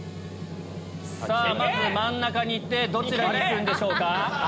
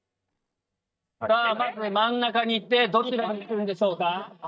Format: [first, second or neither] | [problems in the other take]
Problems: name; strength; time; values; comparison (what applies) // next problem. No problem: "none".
first | noise reduction (neural mask model DeepFilterNet 3)